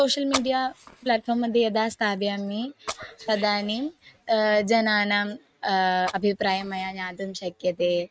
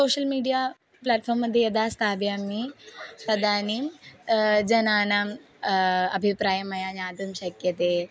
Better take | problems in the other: second | noise reduction (neural mask model RNNoise)

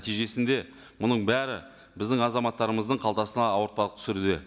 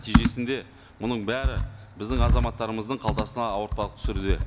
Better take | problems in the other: first | background sound (Computer keyboard); 3 dB above the speech

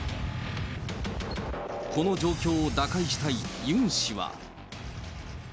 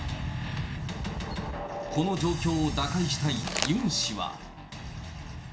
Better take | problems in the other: first | background sound (Crumpling, crinkling); 9 dB below the speech // room echo; dies away in 0.4 s

